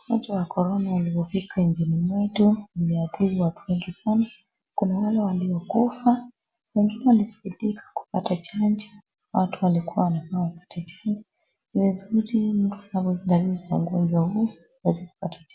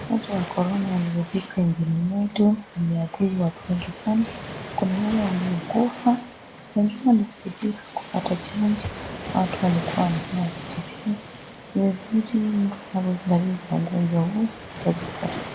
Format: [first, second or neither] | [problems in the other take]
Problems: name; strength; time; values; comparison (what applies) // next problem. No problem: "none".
first | background sound (Waves, surf); 12 dB below the speech